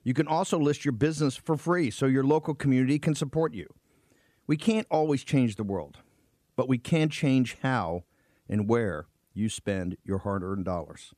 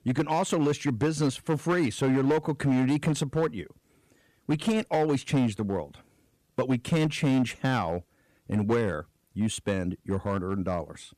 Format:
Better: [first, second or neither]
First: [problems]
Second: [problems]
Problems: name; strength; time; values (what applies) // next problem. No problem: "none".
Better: first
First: none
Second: distortion; slight; 7% of the sound clipped